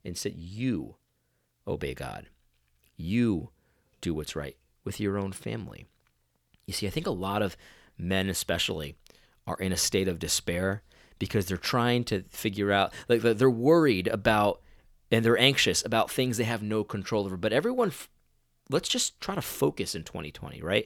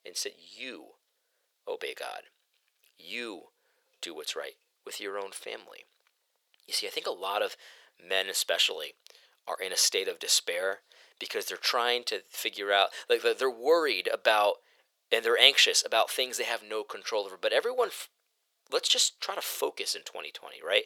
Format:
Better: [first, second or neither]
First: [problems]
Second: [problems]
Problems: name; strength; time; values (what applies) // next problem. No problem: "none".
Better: first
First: none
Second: thin; very; fading below 500 Hz